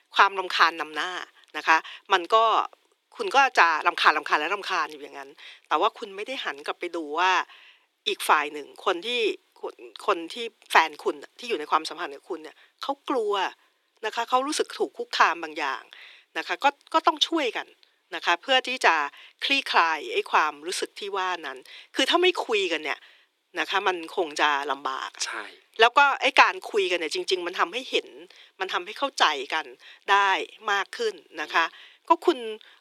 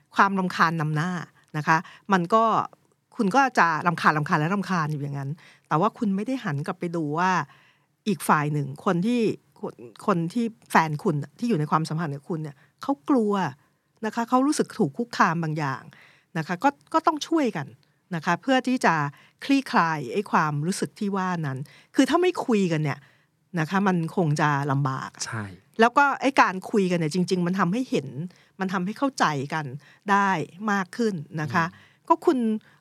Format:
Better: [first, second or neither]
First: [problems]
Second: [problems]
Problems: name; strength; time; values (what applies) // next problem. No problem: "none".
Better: second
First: thin; very; fading below 350 Hz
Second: none